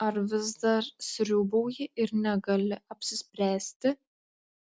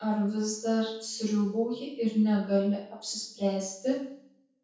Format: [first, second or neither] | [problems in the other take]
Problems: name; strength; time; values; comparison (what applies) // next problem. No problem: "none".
first | room echo; dies away in 0.6 s